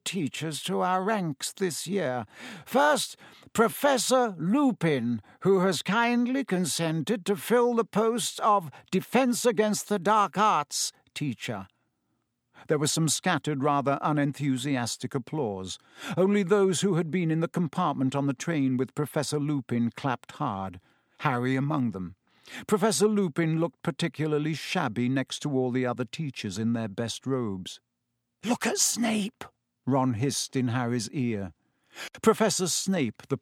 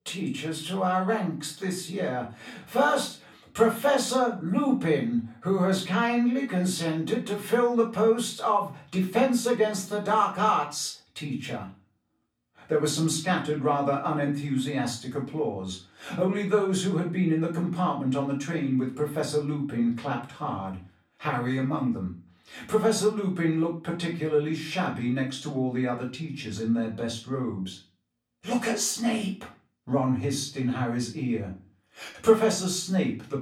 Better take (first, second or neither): first